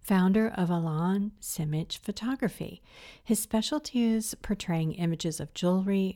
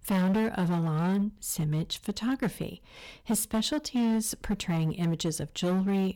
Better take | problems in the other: first | distortion; slight; 14% of the sound clipped

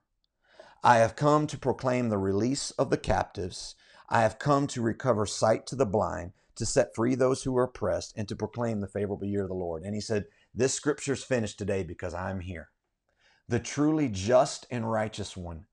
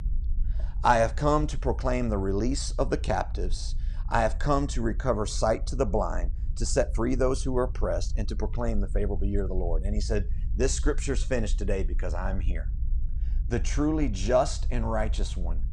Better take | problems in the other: first | low rumble; faint; throughout; 25 dB below the speech

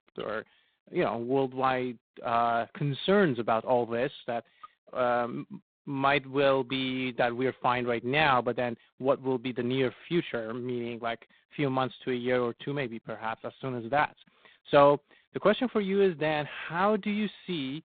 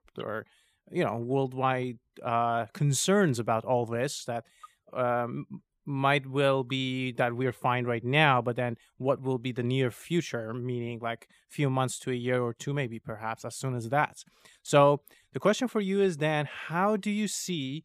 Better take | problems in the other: second | phone-call audio; poor line; nothing above 4 kHz

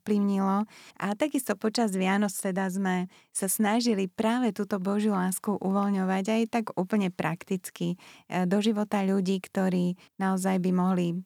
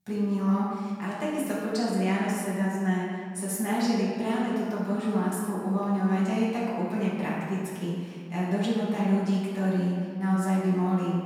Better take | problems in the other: first | off-mic speech; far // room echo; strong; dies away in 1.9 s

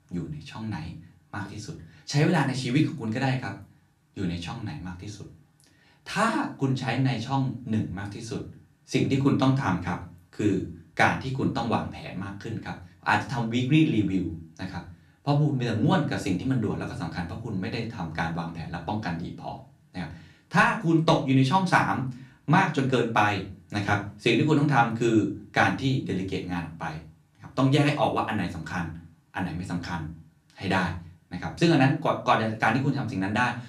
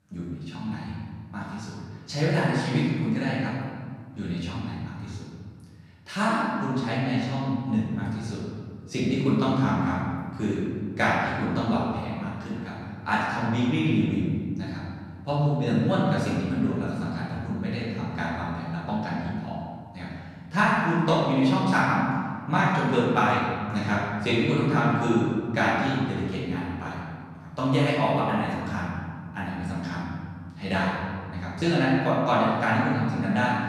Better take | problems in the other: first | room echo; strong; dies away in 1.9 s; slight in the first // off-mic speech; far; far in the first

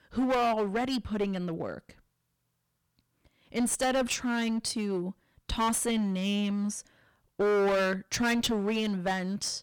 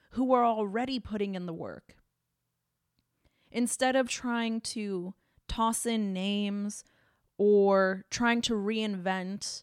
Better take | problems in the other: second | distortion; heavy; 14% of the sound clipped

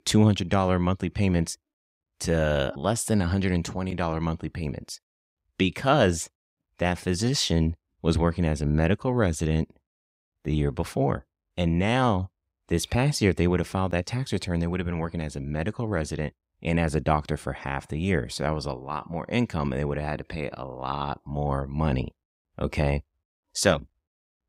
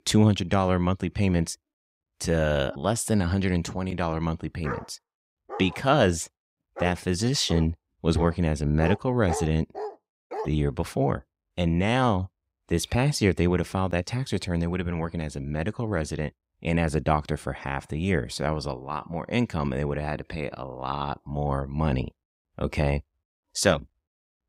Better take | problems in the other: first | dog barking; noticeable; from 4.5 to 10 s; peak 7 dB below the speech

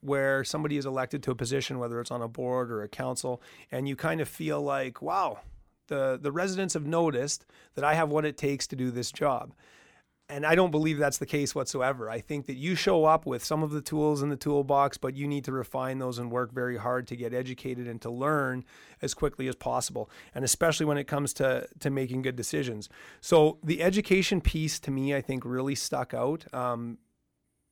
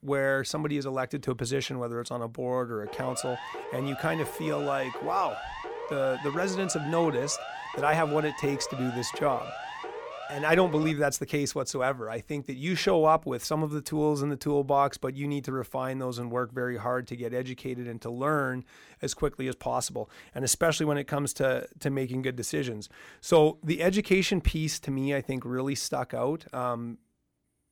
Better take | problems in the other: first | siren; noticeable; from 3 to 11 s; peak 9 dB below the speech

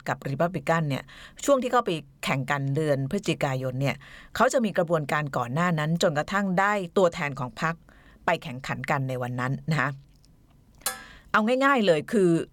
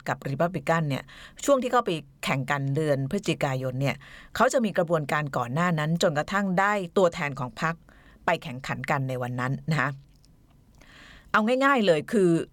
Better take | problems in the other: second | clattering dishes; noticeable; at 11 s; peak 6 dB below the speech

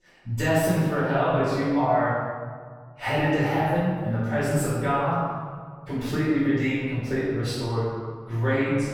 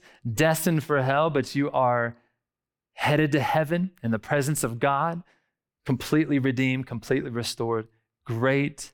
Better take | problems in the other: second | off-mic speech; far // room echo; strong; dies away in 1.6 s

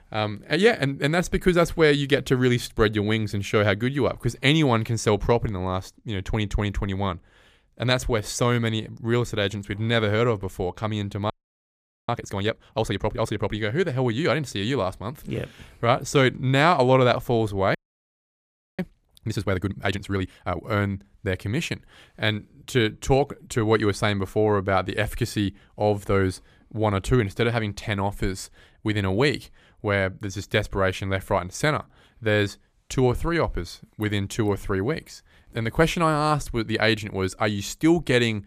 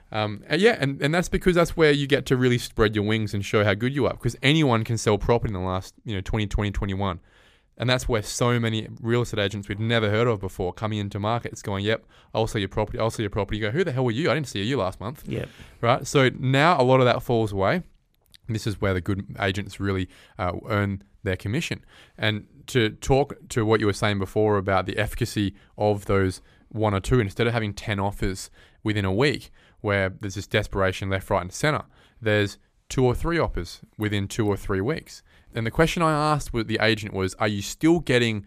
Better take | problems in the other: second | audio freezing; at 11 s for 1 s and at 18 s for 1 s

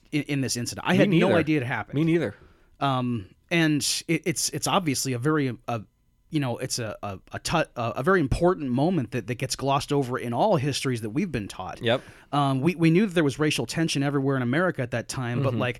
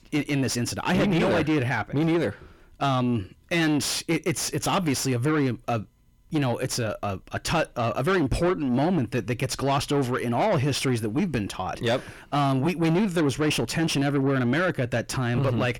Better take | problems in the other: first | distortion; heavy; 7 dB below the speech

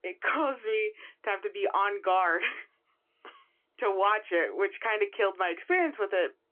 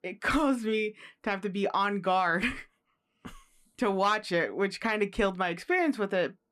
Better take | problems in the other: second | phone-call audio

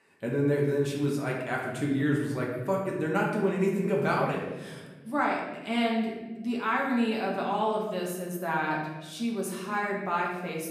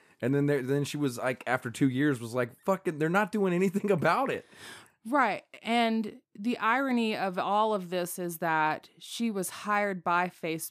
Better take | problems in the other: second | room echo; noticeable; dies away in 1.2 s // off-mic speech; far

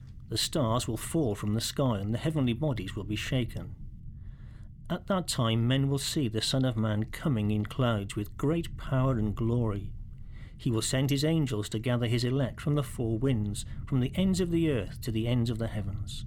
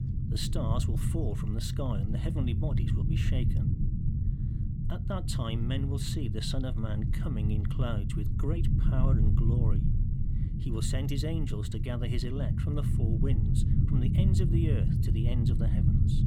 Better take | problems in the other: first | low rumble; loud; throughout; 2 dB below the speech; faint in the first

